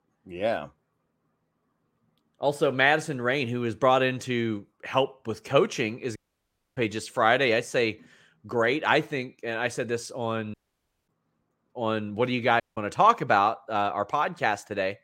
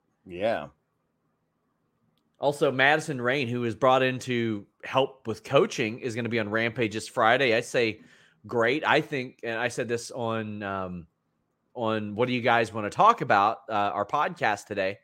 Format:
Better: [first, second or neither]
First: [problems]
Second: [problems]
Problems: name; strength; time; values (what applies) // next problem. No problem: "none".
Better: second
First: audio cutting out; at 6 s for 0.5 s, at 11 s for 0.5 s and at 13 s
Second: none